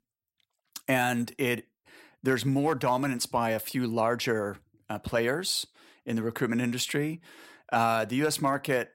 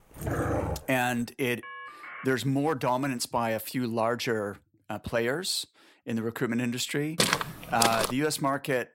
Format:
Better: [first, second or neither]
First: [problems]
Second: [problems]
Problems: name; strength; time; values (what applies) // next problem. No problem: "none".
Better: first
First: none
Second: dog barking; noticeable; at the start; peak level with the speech // phone ringing; faint; at 1.5 s; peak 10 dB below the speech // footsteps; loud; at 7 s; peak 4 dB above the speech